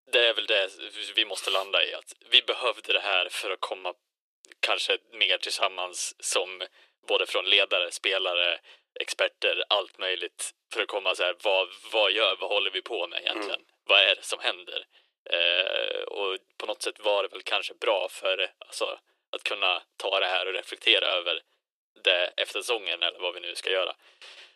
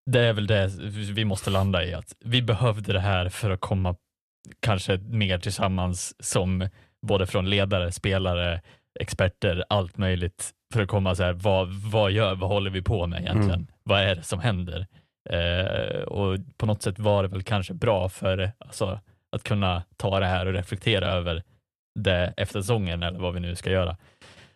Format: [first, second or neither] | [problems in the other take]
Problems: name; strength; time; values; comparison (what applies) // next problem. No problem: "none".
second | thin; very; fading below 350 Hz